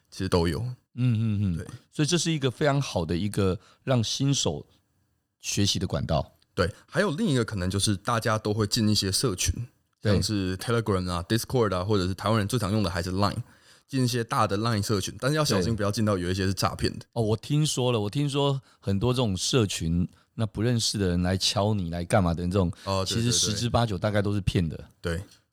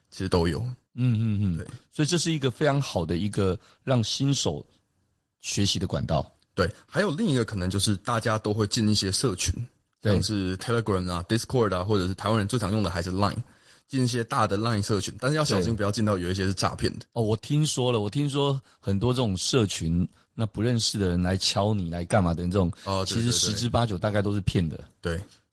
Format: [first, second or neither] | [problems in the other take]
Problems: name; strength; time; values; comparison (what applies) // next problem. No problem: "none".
first | garbled, watery; slightly